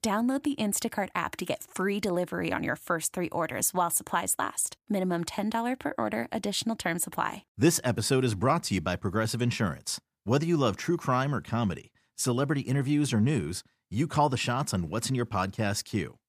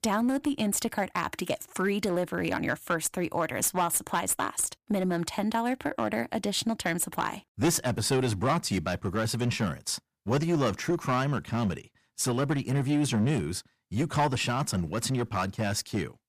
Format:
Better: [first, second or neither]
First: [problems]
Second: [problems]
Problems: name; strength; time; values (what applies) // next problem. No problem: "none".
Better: first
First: none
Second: distortion; slight; 6% of the sound clipped